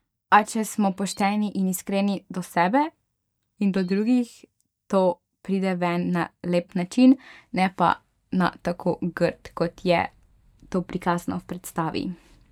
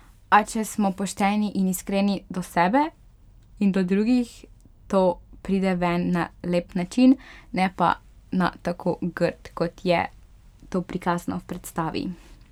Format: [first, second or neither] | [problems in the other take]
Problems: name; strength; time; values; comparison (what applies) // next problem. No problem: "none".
second | noise reduction (neural mask model DeepFilterNet 3)